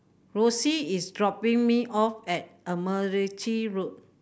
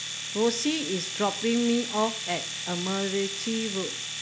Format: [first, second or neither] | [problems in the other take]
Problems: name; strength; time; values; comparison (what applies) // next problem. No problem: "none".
first | background sound (Domestic sounds, home sounds); 5 dB below the speech